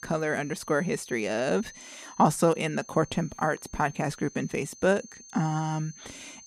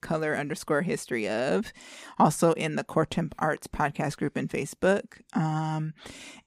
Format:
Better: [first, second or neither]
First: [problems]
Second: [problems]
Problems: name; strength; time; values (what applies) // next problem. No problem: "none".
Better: second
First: high-pitched whine; noticeable; throughout; 6 kHz, 20 dB below the speech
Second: none